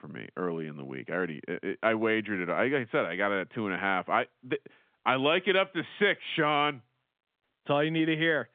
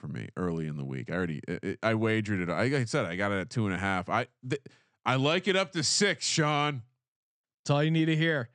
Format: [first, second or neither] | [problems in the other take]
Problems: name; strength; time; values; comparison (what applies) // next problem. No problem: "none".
second | phone-call audio; nothing above 3.5 kHz